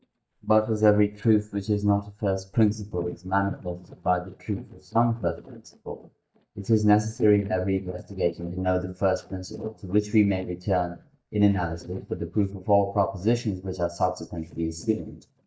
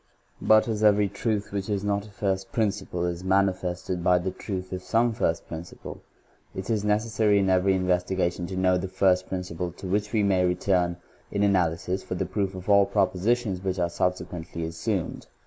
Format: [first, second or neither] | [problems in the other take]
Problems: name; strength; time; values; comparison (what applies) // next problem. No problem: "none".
second | noise reduction (neural mask model DeepFilterNet 3)